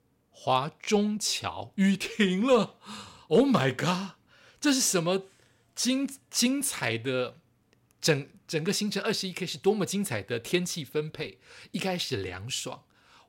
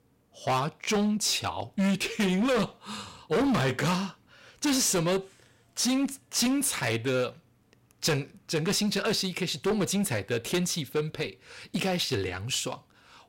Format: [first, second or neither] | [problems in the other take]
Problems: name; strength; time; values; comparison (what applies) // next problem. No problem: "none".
first | distortion; heavy; 12% of the sound clipped